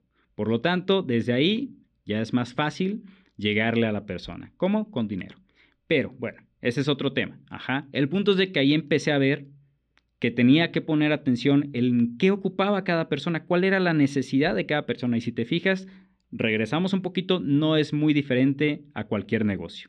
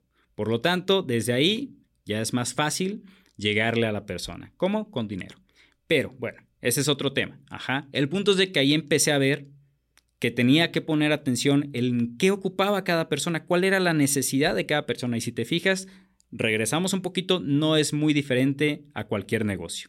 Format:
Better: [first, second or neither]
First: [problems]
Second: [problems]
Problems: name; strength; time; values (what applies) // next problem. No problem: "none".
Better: second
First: muffled; slightly; fading above 3.5 kHz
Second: none